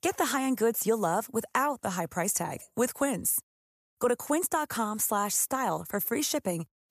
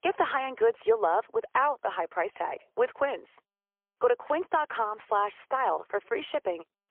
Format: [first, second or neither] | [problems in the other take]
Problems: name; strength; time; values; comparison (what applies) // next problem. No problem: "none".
first | phone-call audio; poor line; nothing above 3.5 kHz